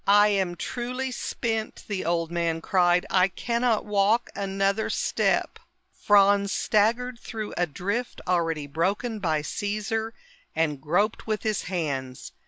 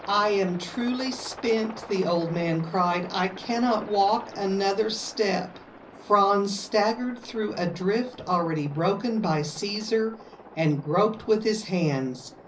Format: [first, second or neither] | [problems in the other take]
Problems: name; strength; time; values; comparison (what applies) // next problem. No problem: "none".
first | background sound (Aircraft); 18 dB below the speech // room echo; dies away in 0.5 s